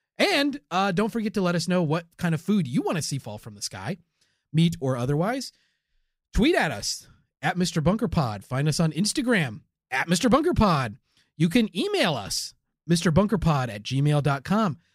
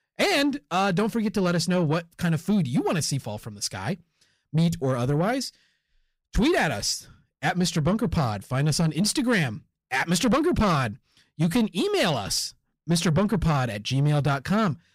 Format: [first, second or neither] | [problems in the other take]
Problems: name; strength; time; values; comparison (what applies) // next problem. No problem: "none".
first | distortion; slight; 10 dB below the speech